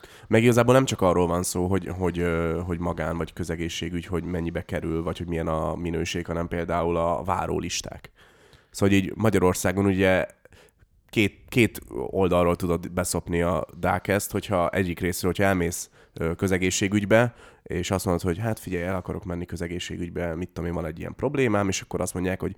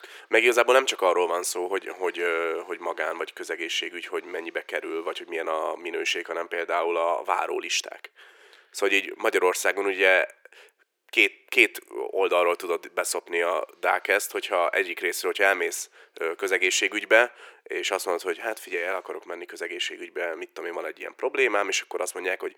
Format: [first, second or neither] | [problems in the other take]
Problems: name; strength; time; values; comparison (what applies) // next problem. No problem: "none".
first | thin; very; fading below 350 Hz